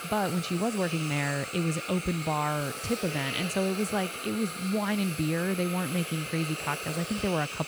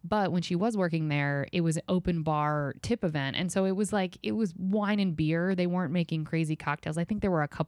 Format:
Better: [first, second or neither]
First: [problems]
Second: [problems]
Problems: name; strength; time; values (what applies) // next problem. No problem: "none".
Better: second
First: hiss; loud; throughout; 5 dB below the speech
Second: none